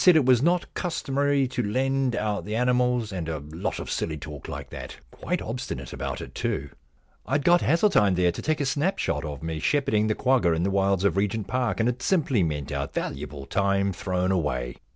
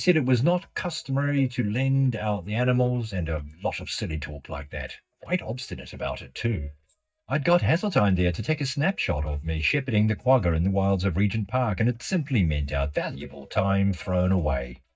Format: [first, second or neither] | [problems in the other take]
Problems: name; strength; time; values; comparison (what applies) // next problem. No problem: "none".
first | noise reduction (neural mask model DeepFilterNet 3)